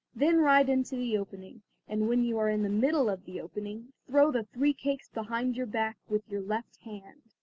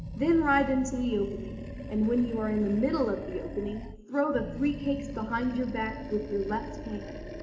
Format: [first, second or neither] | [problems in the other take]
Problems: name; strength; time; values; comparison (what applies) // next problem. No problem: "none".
first | background sound (Animal); 10 dB below the speech // room echo; dies away in 0.8 s